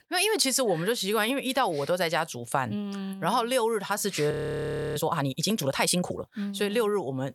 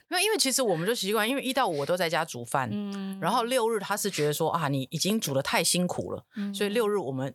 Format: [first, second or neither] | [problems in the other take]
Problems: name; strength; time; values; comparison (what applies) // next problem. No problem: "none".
second | audio freezing; at 4.5 s for 0.5 s